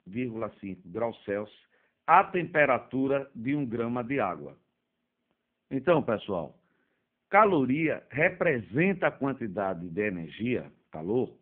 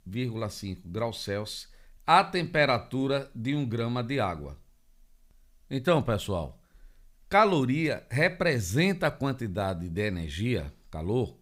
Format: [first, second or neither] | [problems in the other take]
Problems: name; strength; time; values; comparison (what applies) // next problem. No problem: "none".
second | phone-call audio; poor line